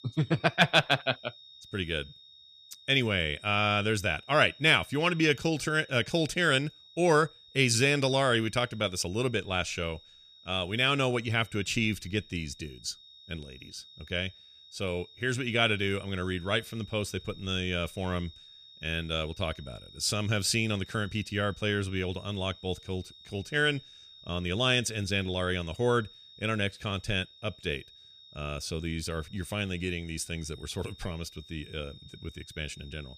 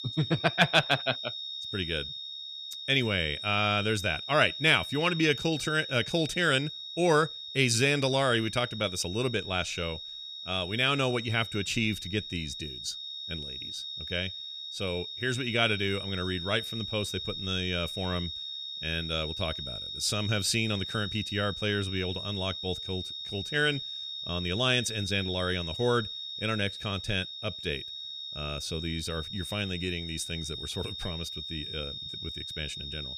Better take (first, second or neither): first